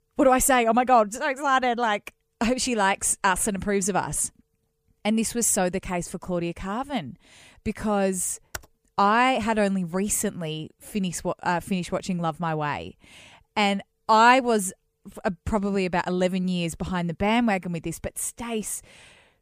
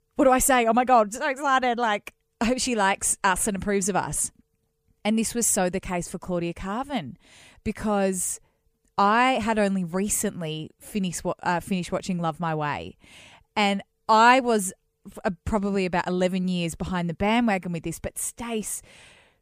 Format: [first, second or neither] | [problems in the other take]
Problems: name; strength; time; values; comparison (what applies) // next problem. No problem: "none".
second | keyboard typing; very faint; at 8.5 s; peak 15 dB below the speech